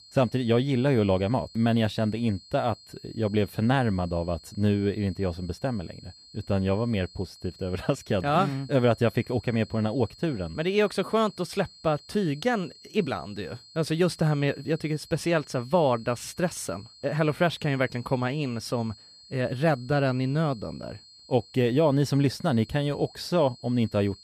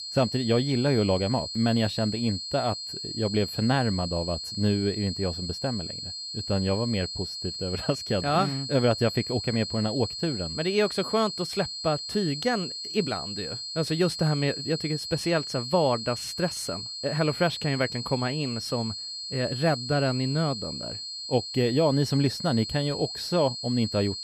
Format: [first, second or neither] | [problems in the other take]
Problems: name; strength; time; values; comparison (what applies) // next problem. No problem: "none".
first | high-pitched whine; loud; throughout; 4.5 kHz, 6 dB below the speech; faint in the first